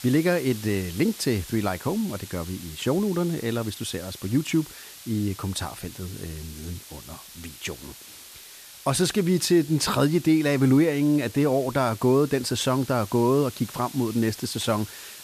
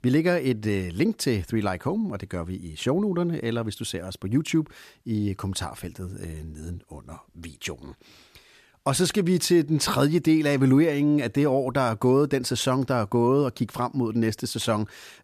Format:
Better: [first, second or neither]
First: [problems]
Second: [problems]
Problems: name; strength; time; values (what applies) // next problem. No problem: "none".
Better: second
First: hiss; noticeable; throughout; 15 dB below the speech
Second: none